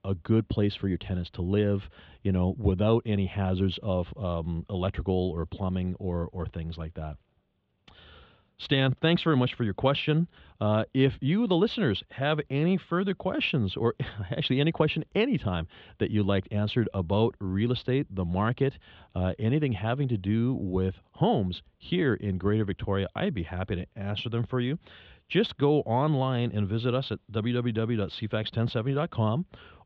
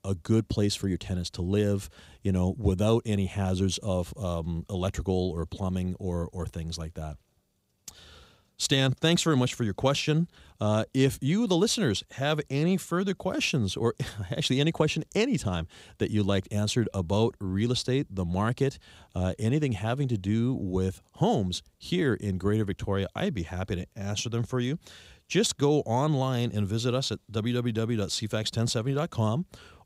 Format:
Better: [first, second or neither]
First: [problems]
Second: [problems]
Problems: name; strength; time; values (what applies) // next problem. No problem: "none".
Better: second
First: muffled; very; fading above 3.5 kHz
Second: none